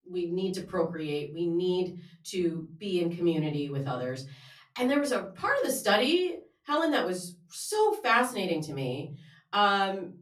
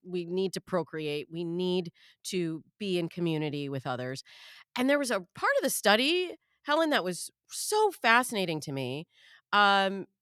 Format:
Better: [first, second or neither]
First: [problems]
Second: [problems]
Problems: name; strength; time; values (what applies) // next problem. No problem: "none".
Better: second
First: off-mic speech; far // room echo; very slight; dies away in 0.4 s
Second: none